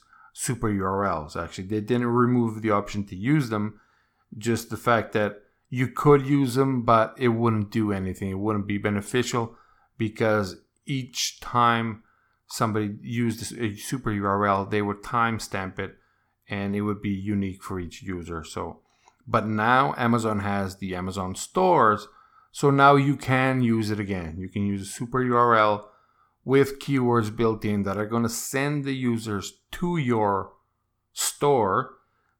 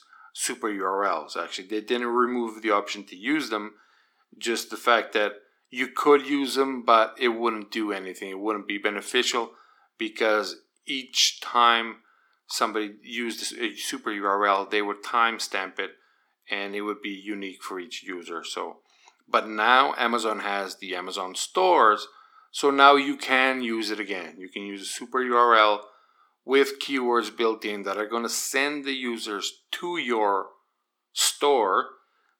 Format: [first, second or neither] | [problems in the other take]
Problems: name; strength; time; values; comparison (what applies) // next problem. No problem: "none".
first | thin; somewhat; fading below 300 Hz